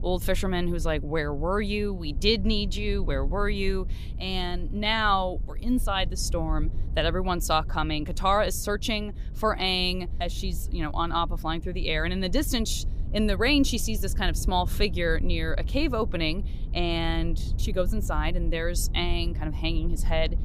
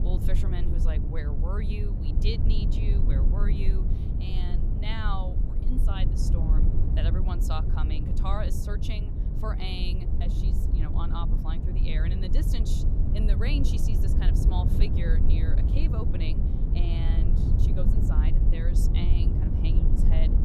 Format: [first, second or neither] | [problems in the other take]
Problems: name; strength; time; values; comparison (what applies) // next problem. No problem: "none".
first | low rumble; loud; throughout; 2 dB below the speech; faint in the first